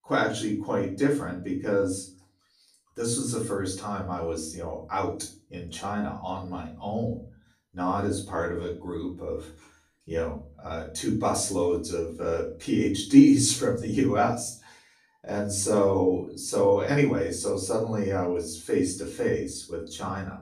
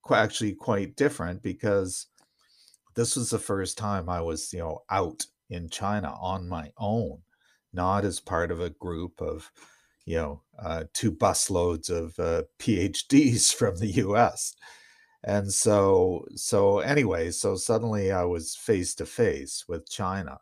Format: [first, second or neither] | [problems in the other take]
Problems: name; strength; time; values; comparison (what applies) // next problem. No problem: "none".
second | off-mic speech; far // room echo; slight; dies away in 0.4 s